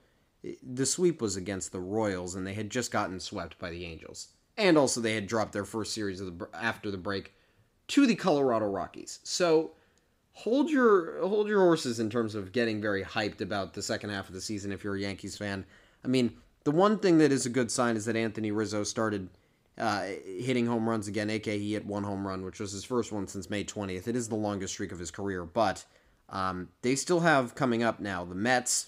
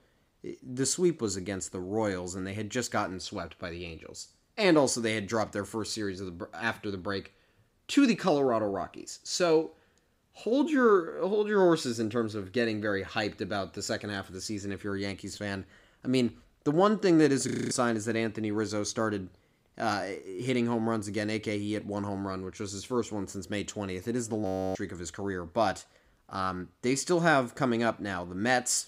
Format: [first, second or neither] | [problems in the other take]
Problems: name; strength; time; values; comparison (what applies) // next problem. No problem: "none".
first | audio freezing; at 17 s and at 24 s